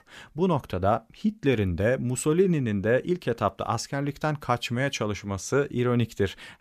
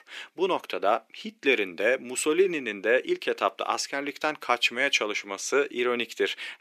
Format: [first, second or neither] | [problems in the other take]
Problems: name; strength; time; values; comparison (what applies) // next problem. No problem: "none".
first | thin; somewhat; fading below 350 Hz